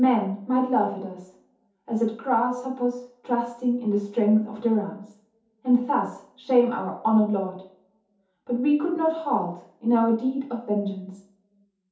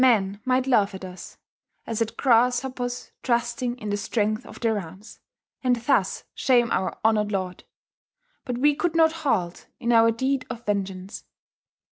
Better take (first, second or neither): second